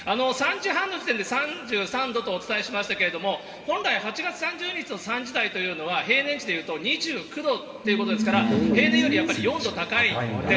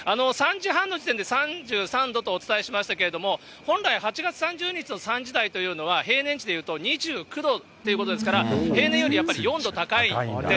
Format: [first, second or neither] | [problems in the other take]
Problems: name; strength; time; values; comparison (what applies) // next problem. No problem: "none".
second | room echo; dies away in 2.1 s